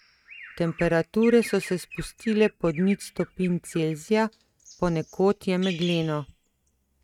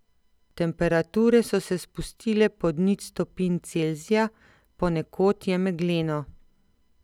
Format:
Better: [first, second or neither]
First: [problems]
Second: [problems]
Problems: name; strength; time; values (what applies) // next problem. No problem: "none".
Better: second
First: noise reduction (neural mask model RNNoise)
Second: none